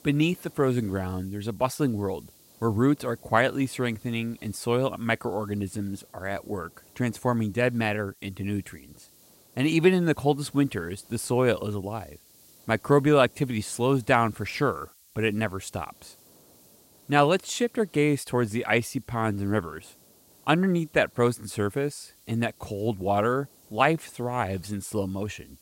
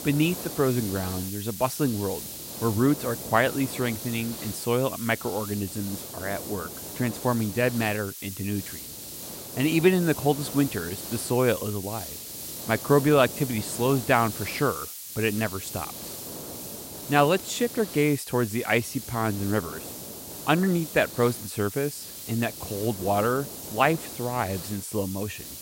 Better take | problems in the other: first | hiss; loud; throughout; 9 dB below the speech; faint in the first

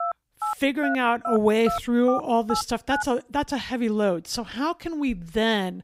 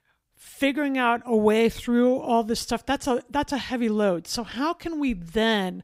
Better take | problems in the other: second | phone ringing; noticeable; until 3 s; peak 6 dB below the speech

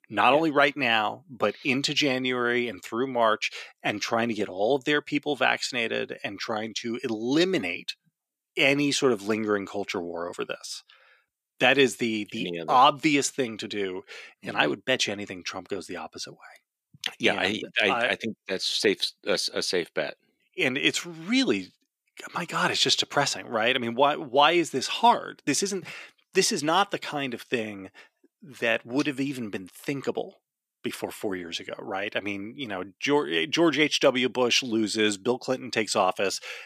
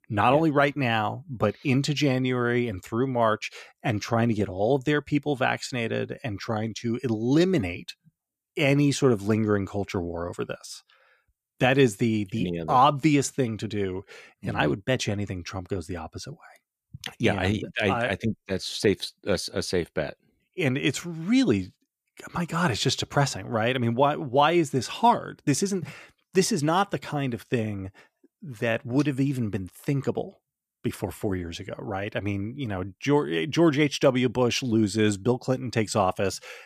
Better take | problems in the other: second | thin; very slightly; fading below 250 Hz

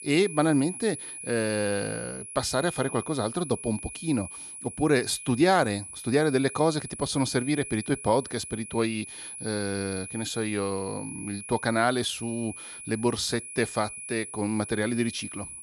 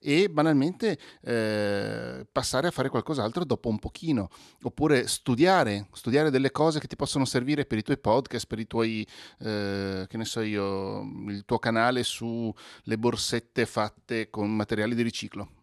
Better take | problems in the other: second | high-pitched whine; loud; throughout; 10.5 kHz, 10 dB below the speech

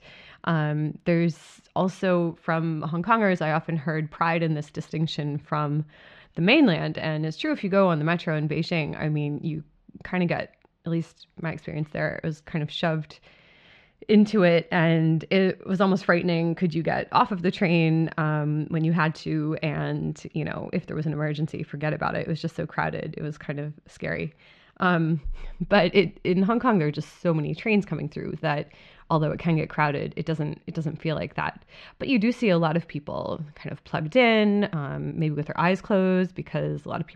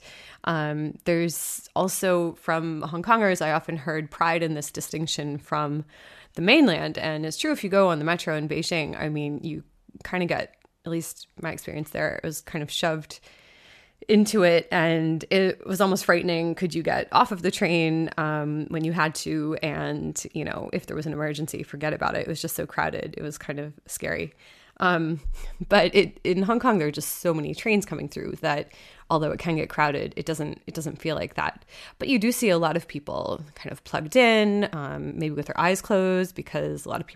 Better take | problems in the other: second | muffled; very slightly; fading above 4 kHz

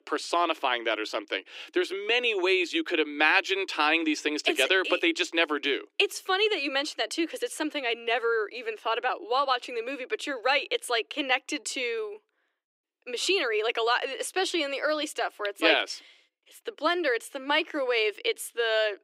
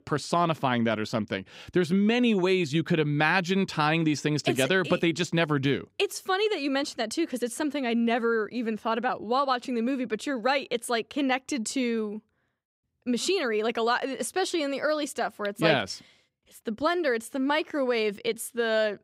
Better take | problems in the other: second | thin; somewhat; fading below 300 Hz

